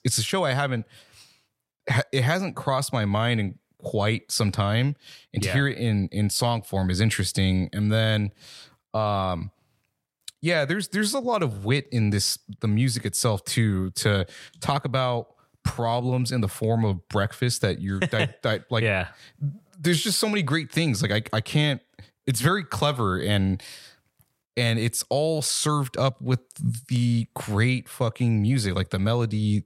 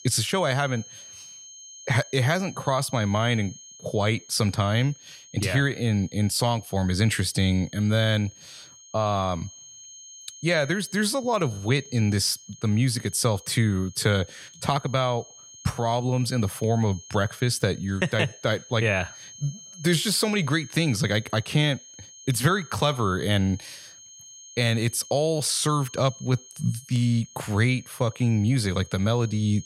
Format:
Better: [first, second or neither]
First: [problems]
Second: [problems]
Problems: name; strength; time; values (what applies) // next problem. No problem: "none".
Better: first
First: none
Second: high-pitched whine; noticeable; throughout; 6.5 kHz, 20 dB below the speech